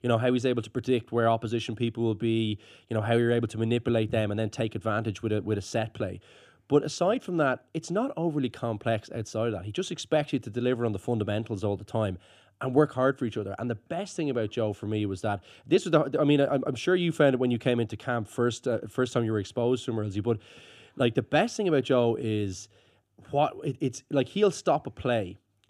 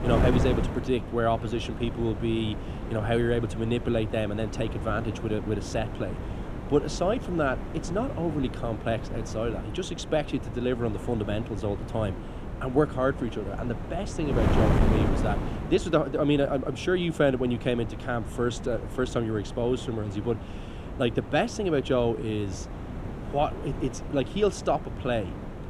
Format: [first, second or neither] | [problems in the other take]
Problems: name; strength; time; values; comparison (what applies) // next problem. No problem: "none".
first | wind noise on the microphone; heavy; 9 dB below the speech